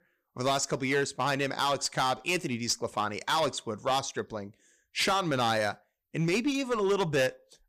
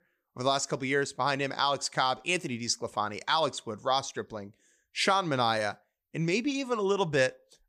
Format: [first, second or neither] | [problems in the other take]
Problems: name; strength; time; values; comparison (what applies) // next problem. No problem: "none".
second | distortion; slight; 7% of the sound clipped